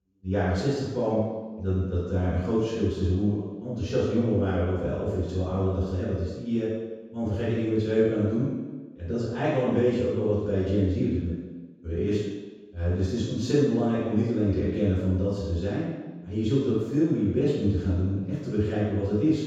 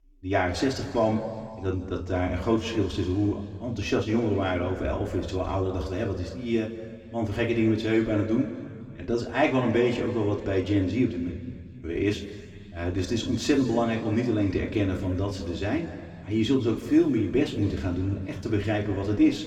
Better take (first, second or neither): second